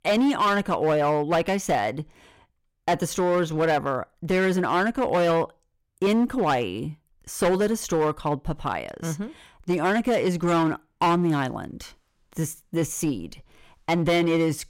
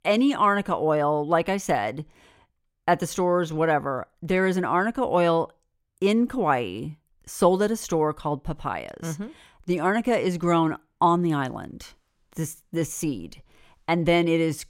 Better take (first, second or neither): second